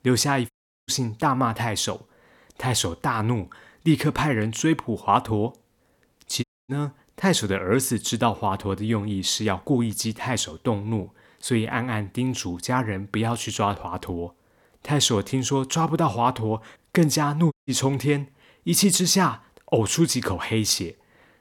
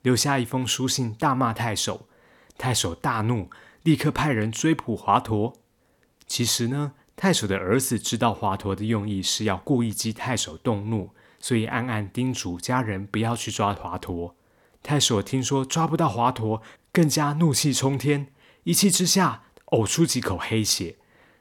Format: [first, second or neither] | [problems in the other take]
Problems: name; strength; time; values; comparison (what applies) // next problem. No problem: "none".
second | audio cutting out; at 0.5 s, at 6.5 s and at 18 s